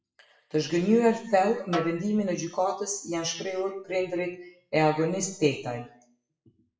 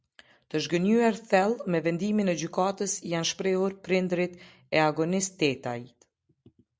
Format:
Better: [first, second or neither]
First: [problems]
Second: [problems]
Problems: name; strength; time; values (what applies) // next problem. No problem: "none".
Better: second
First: noise reduction (classical method WPE with log-MMSE)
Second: none